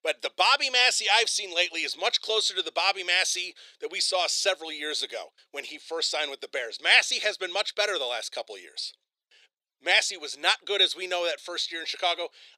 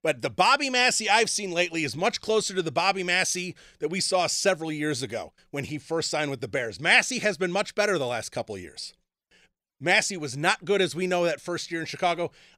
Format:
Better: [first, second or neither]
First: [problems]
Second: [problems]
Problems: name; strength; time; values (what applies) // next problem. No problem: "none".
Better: second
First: thin; very; fading below 400 Hz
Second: none